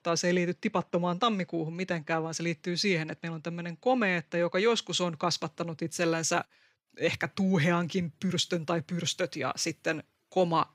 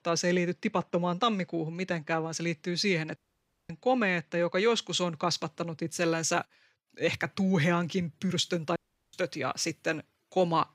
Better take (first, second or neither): first